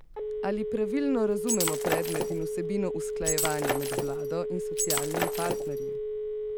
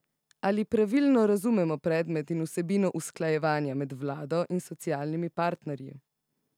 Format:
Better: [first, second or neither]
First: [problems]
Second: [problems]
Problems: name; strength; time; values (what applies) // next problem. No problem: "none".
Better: second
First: background sound (Shatter + Telephone); 2 dB above the speech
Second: none